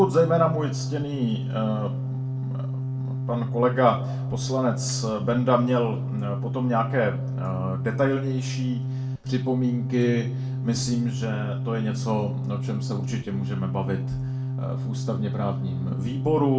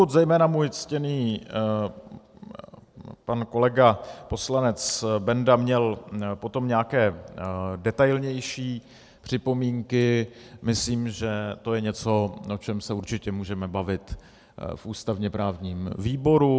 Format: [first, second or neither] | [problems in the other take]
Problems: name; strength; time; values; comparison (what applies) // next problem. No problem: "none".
second | background sound (Organ); 2 dB below the speech // room echo; dies away in 0.3 s